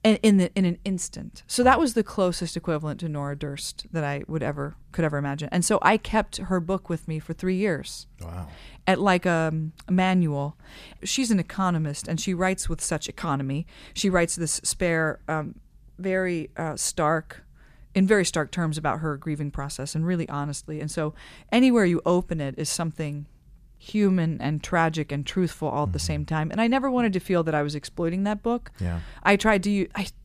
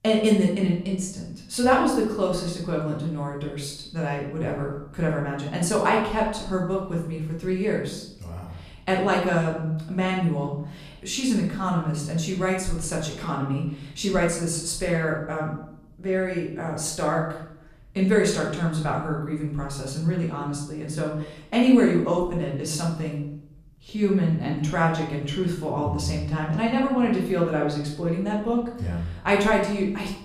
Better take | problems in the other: first | room echo; noticeable; dies away in 0.6 s // off-mic speech; far

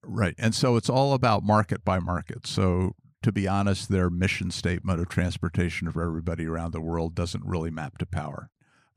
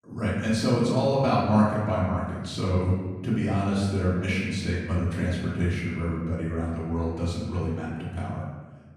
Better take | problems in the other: first | off-mic speech; far // room echo; noticeable; dies away in 1.2 s

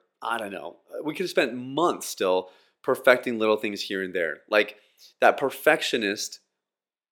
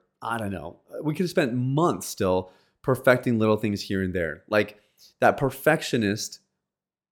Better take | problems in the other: second | thin; somewhat; fading below 400 Hz

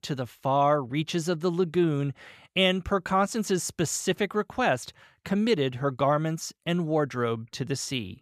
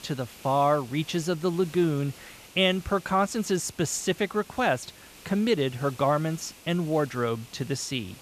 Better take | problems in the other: first | hiss; faint; throughout; 20 dB below the speech

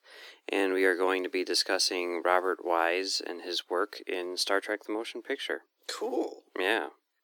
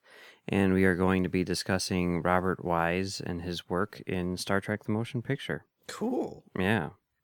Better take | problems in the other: second | thin; somewhat; fading below 300 Hz

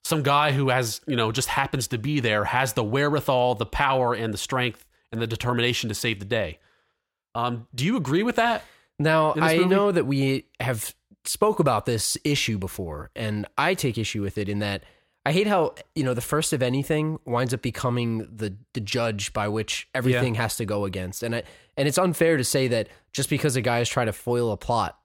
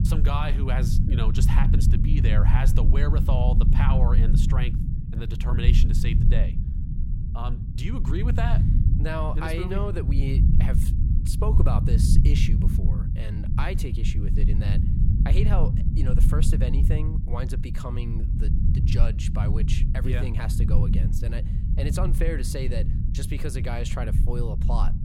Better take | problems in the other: first | low rumble; loud; throughout; 3 dB below the speech

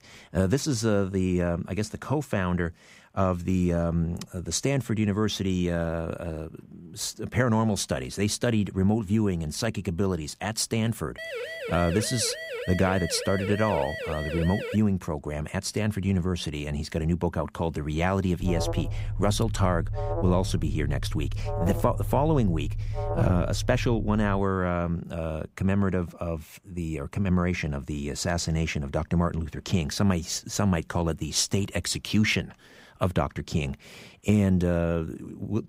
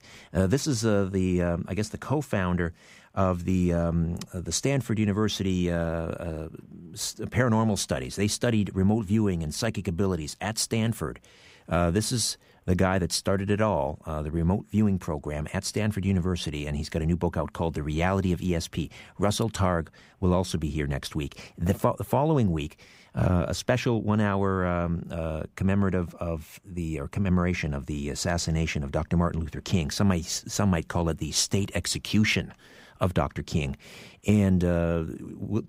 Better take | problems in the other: second | siren; noticeable; from 11 to 15 s; peak 6 dB below the speech // alarm; noticeable; from 18 to 24 s; peak 3 dB below the speech

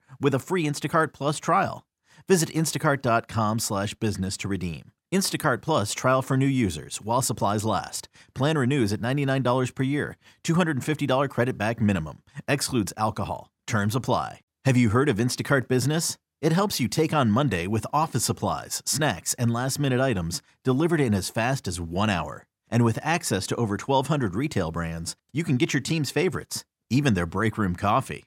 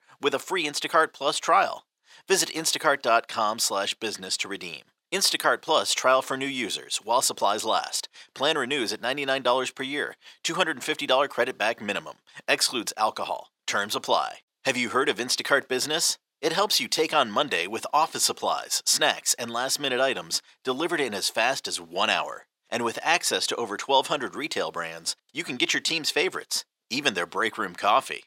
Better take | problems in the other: first | thin; very; fading below 500 Hz

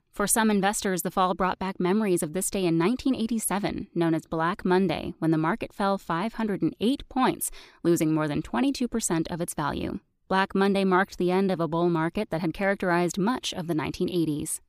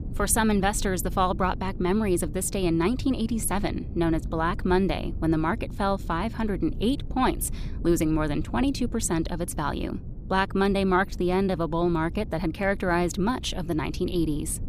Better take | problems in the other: first | low rumble; faint; throughout; 20 dB below the speech

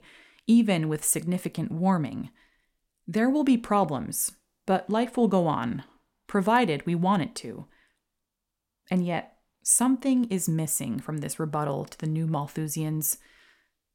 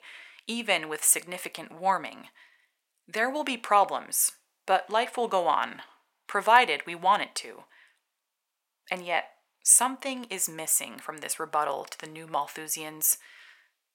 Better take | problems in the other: first | thin; very; fading below 800 Hz

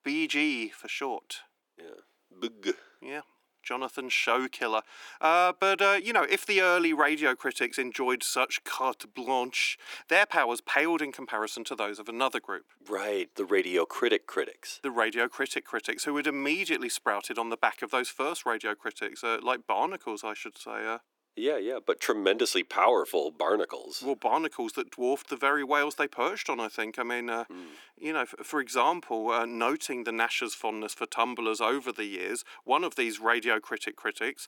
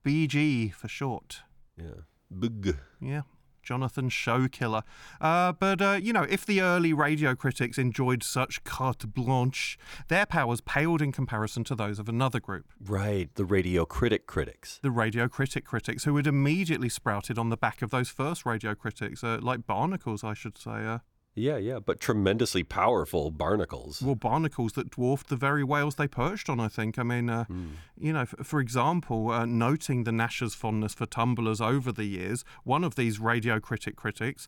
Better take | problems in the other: second | thin; somewhat; fading below 300 Hz

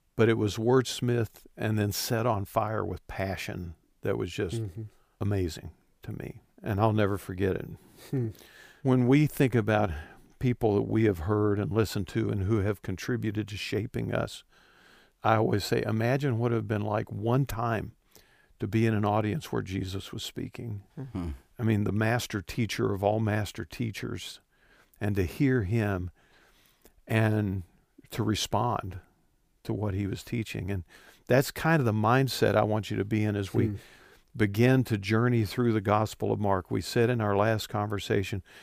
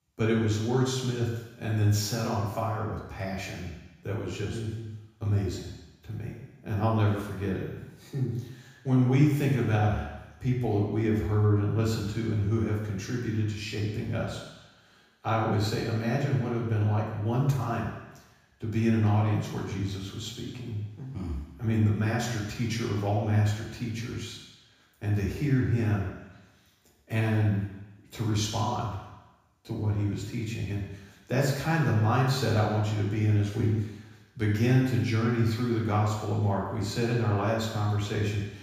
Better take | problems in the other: first | room echo; noticeable; dies away in 1 s // off-mic speech; far

